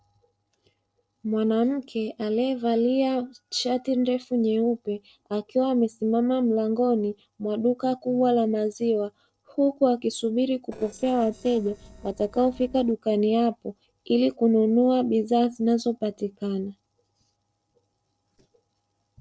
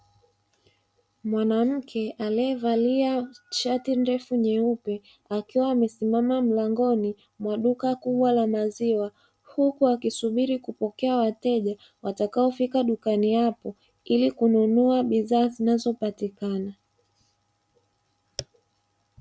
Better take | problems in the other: second | noise reduction (neural separator model SepFormer DNS4)

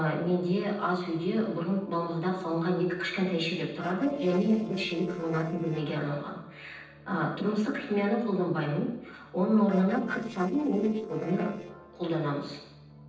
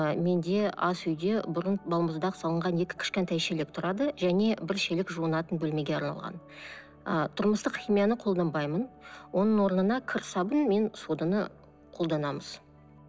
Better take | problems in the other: second | noise reduction (neural separator model SepFormer DNS4)

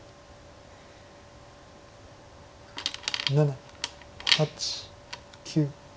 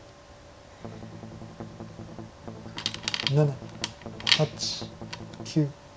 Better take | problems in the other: first | background sound (Strum); 10 dB below the speech

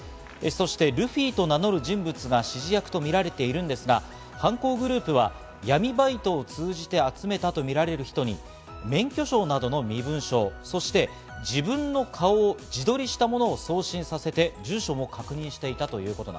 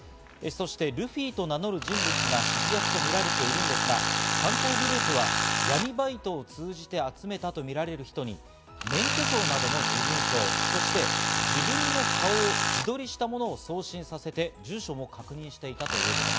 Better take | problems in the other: first | background sound (Tools); 3 dB above the speech

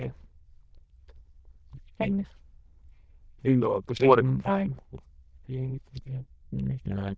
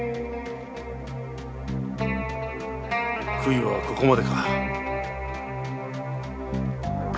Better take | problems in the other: second | noise reduction (neural diffusion model UNIVERSE++)

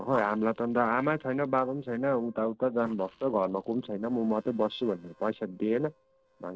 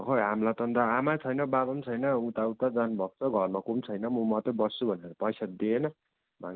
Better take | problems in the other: second | noise reduction (neural separator model SepFormer DNS4)

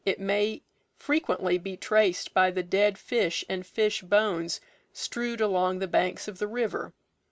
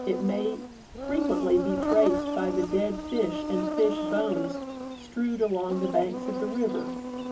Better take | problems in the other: first | background sound (Insect); 3 dB below the speech // room echo; dies away in 0.3 s

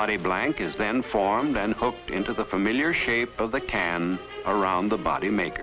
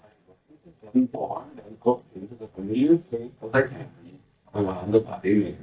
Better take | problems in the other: first | noise reduction (neural mask model DeepFilterNet 3)

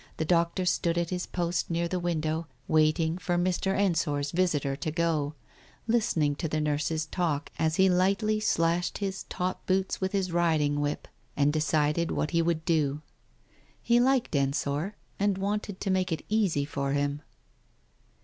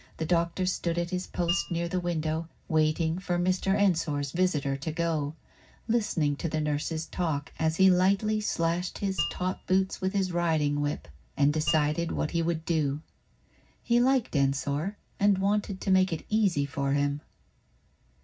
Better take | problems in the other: first | background sound (Mallet percussion); 10 dB below the speech // room echo; dies away in 0.4 s

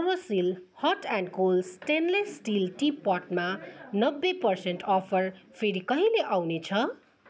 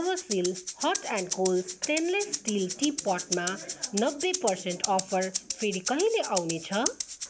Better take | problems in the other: first | background sound (Rattle (instrument)); 6 dB below the speech

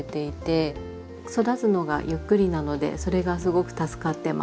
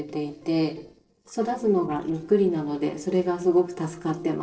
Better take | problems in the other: first | noise reduction (neural separator model SepFormer DNS4)

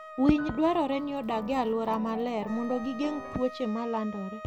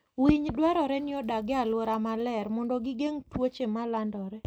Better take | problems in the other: second | background sound (Wind instrument, woodwind instrument + Piano); 13 dB below the speech

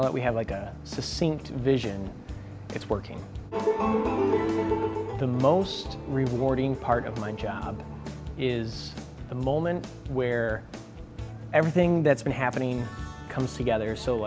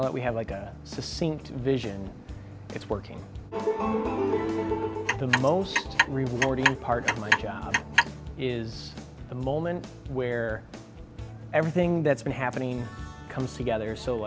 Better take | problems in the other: first | background sound (Clock); 1 dB above the speech

